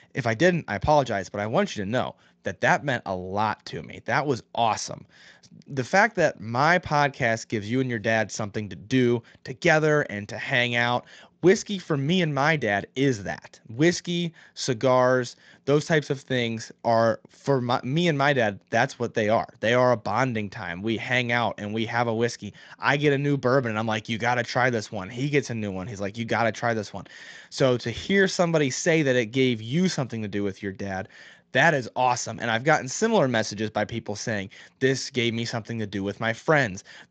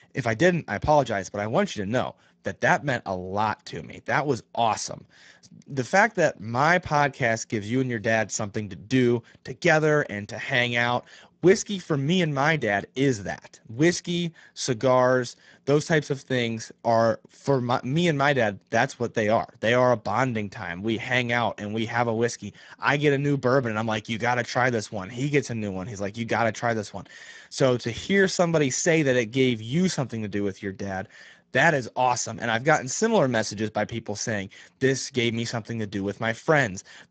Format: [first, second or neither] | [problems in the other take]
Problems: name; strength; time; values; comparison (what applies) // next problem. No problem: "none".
first | garbled, watery; badly; nothing above 7.5 kHz; slightly in the first